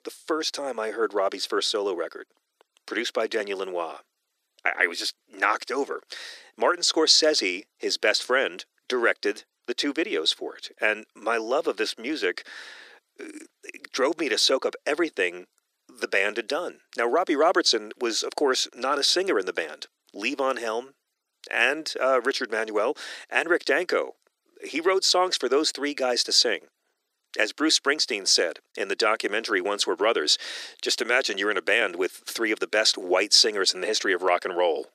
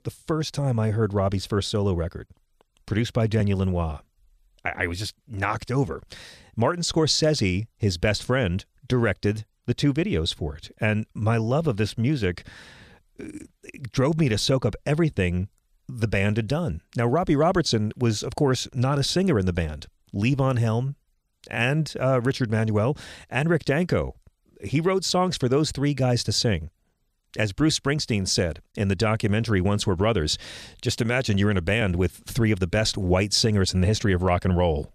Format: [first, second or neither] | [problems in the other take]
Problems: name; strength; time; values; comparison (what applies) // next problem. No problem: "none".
second | thin; very; fading below 300 Hz